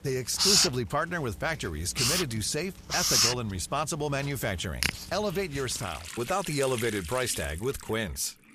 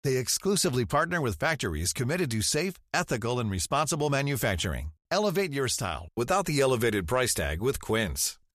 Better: second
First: household noises; very loud; throughout; 4 dB above the speech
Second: none

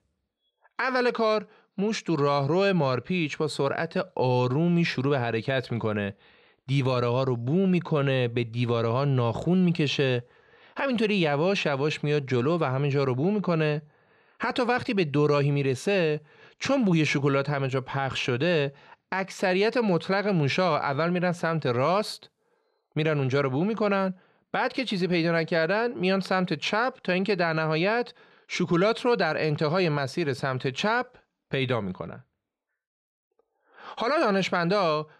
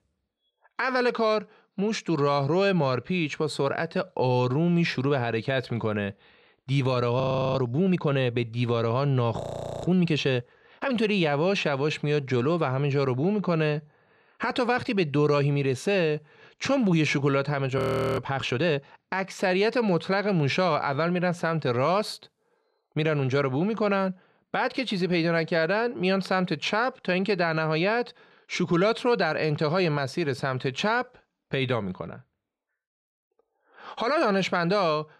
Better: first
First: none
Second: audio freezing; at 7 s, at 9.5 s and at 18 s

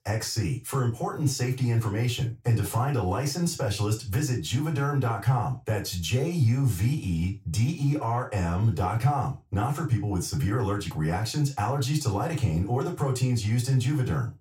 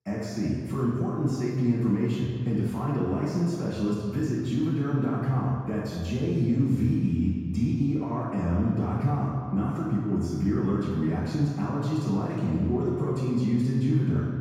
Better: first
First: room echo; slight; dies away in 0.3 s // off-mic speech; far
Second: room echo; strong; dies away in 2 s // off-mic speech; far

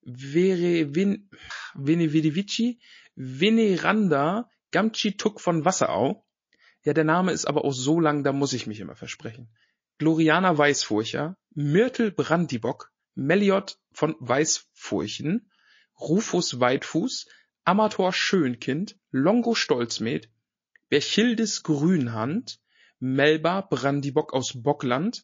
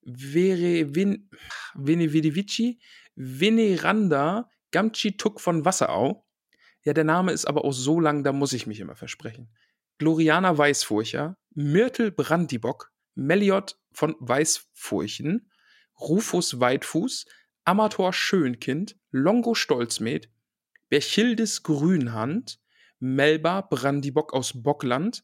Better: second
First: garbled, watery; slightly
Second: none

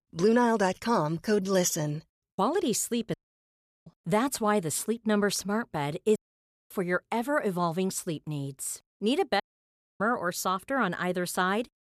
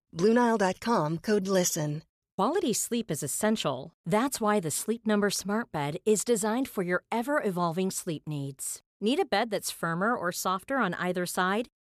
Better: second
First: audio cutting out; at 3 s for 0.5 s, at 6 s for 0.5 s and at 9.5 s for 0.5 s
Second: none

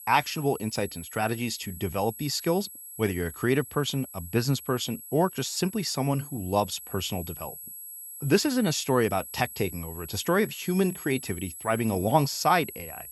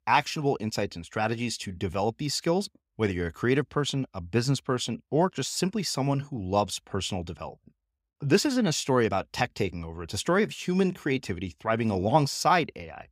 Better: second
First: high-pitched whine; noticeable; throughout; 11.5 kHz, 10 dB below the speech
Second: none

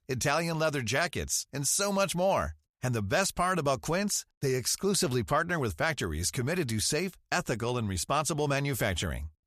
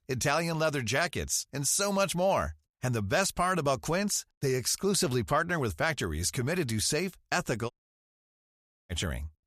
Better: first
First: none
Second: audio cutting out; at 7.5 s for 1 s

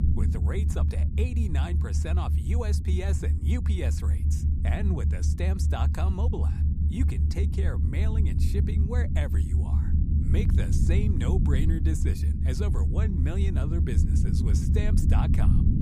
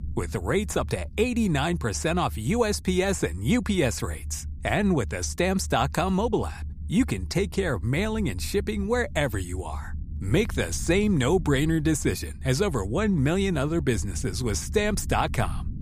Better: second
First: low rumble; loud; throughout; 1 dB below the speech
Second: low rumble; faint; throughout; 25 dB below the speech

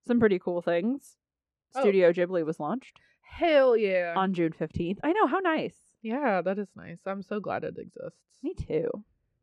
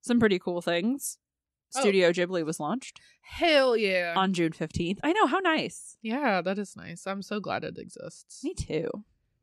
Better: second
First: muffled; very; fading above 3.5 kHz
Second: none

